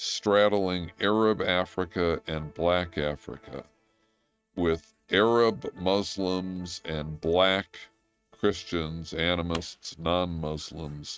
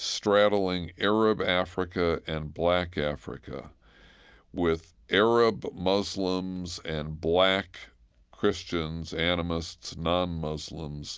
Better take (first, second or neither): second